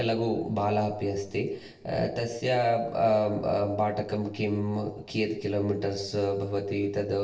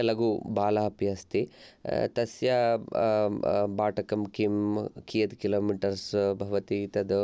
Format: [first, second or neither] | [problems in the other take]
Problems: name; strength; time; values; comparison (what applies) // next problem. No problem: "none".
second | room echo; dies away in 0.8 s